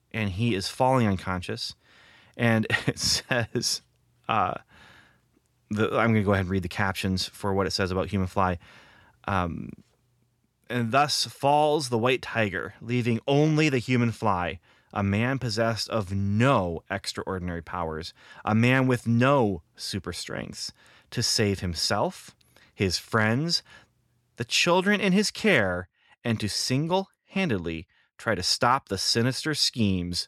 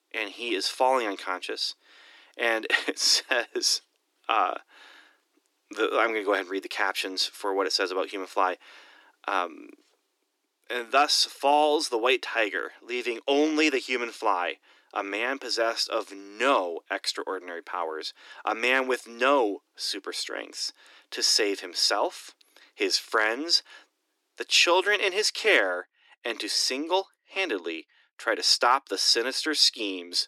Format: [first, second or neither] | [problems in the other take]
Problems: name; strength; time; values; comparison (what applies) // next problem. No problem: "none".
first | thin; somewhat; fading below 300 Hz